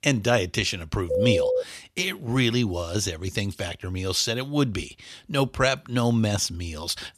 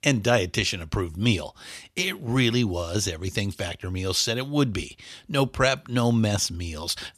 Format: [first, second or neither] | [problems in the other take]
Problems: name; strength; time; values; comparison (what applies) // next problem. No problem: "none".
second | phone ringing; loud; at 1 s; peak 3 dB above the speech